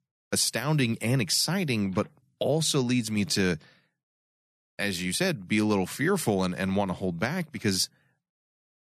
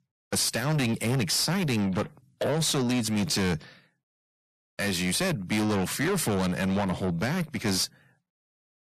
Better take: first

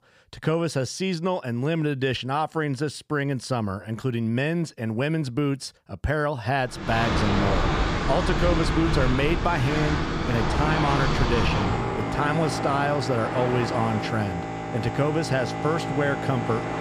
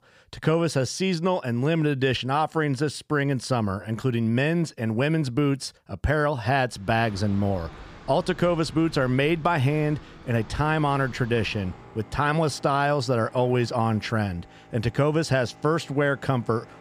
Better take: second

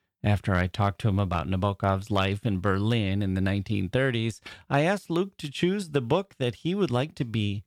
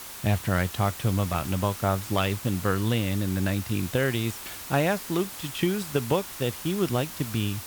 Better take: first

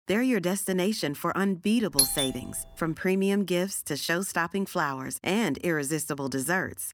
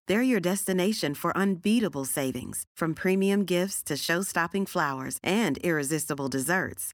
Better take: second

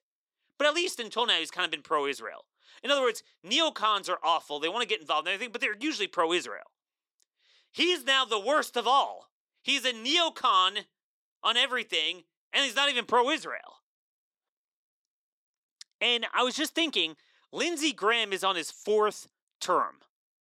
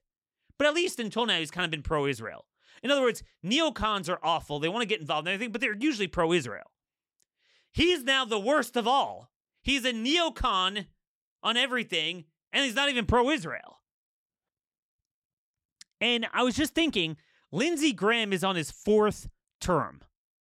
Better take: second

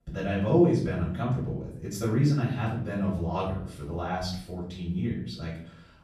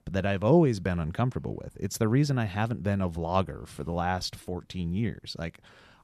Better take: second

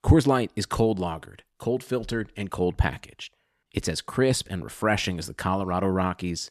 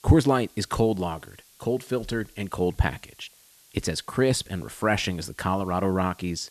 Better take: first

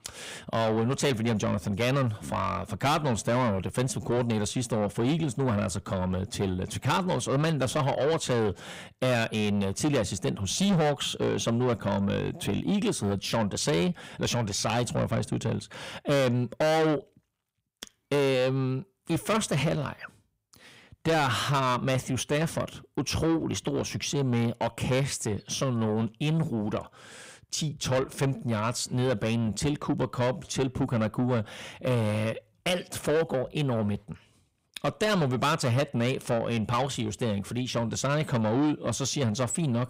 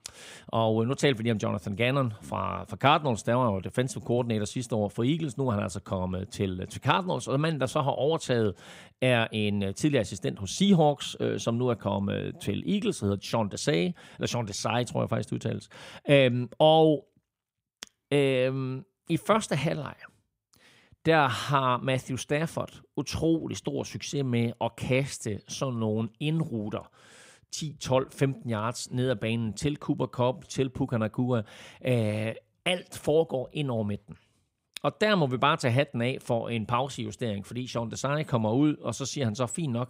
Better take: second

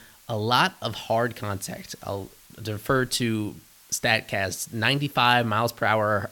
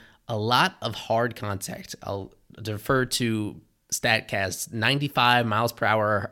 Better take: second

